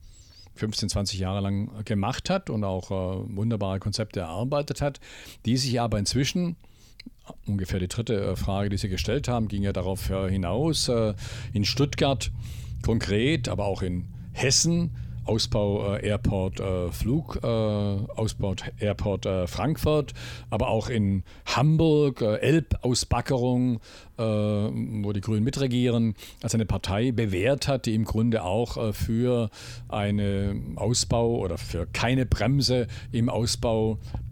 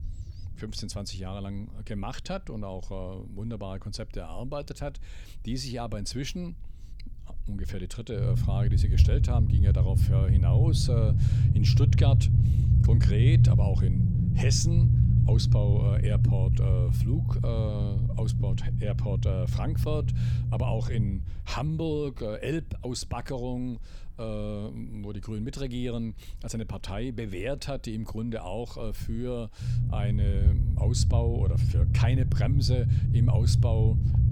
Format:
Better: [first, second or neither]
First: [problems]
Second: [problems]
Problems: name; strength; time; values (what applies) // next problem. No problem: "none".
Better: first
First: low rumble; faint; throughout; 25 dB below the speech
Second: low rumble; loud; throughout; 1 dB below the speech